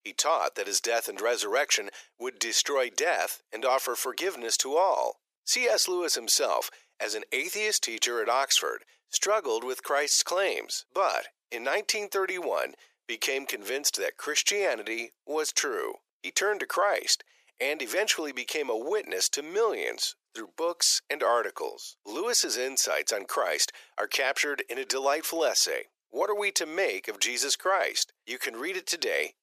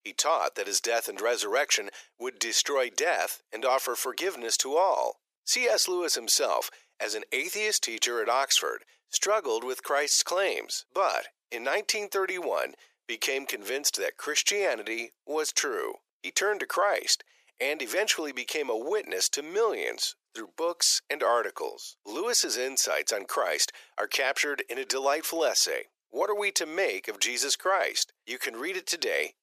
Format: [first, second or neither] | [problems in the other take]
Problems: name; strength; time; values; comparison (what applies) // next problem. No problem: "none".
neither | thin; very; fading below 400 Hz; the same in both